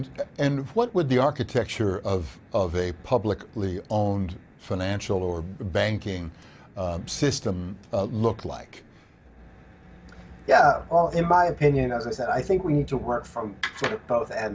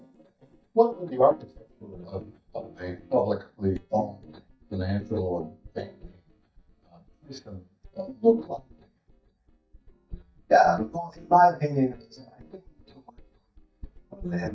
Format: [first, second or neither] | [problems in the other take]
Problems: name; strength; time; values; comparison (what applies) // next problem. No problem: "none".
first | noise reduction (neural mask model DeepFilterNet 3)